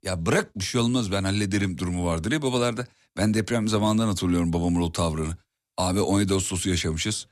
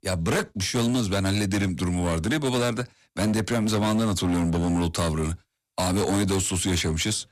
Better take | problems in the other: first | distortion; slight; 20% of the sound clipped

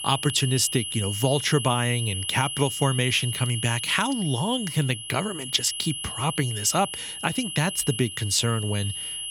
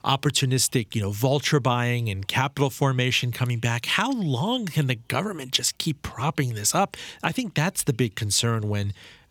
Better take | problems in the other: second | high-pitched whine; loud; throughout; 3 kHz, 6 dB below the speech

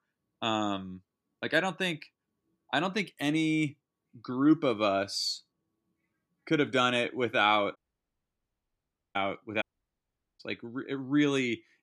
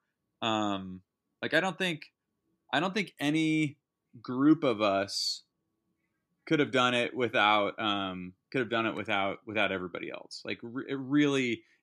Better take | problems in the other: second | audio cutting out; at 8 s for 1.5 s and at 9.5 s for 1 s

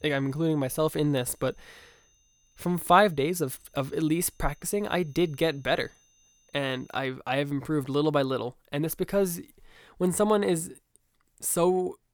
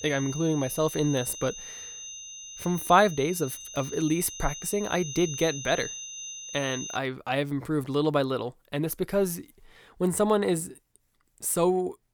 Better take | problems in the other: first | high-pitched whine; loud; until 7 s; 6 kHz, 10 dB below the speech; faint in the first

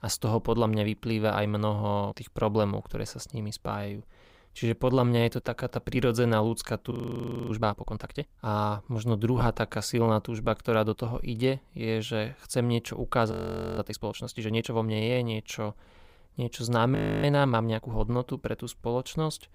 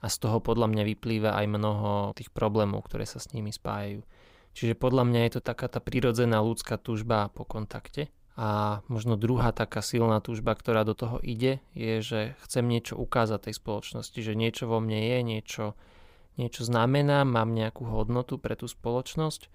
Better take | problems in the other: second | audio freezing; at 7 s for 0.5 s, at 13 s and at 17 s

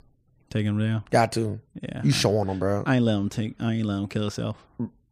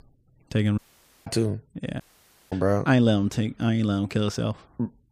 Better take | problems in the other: first | audio cutting out; at 1 s and at 2 s for 0.5 s

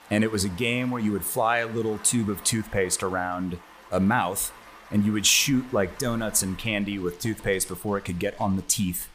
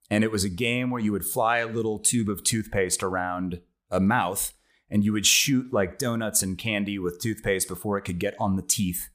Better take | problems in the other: second | rain or running water; faint; throughout; 20 dB below the speech

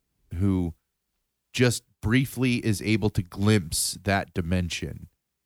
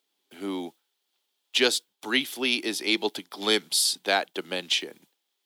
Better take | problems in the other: first | thin; somewhat; fading below 300 Hz

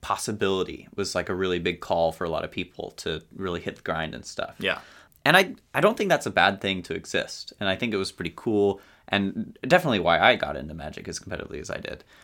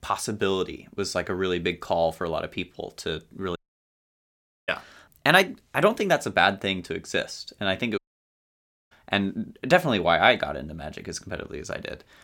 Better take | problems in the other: first | audio cutting out; at 3.5 s for 1 s and at 8 s for 1 s

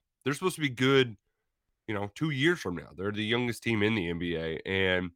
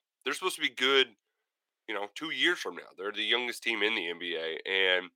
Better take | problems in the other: first | thin; very; fading below 400 Hz

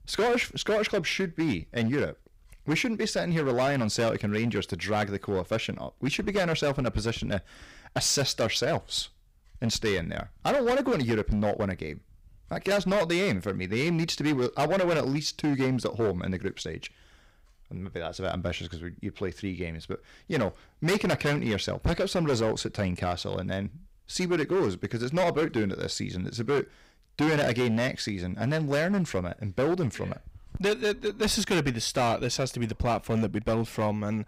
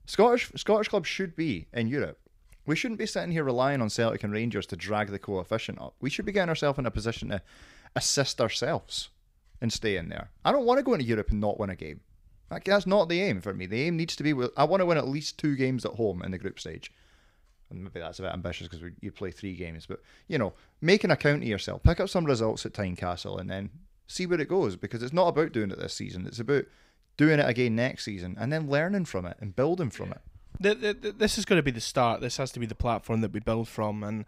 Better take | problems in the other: second | distortion; heavy; 11% of the sound clipped

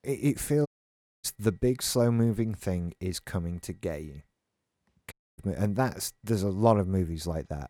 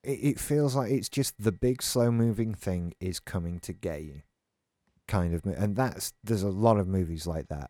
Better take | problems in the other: second | audio cutting out; at 0.5 s for 0.5 s and at 5 s

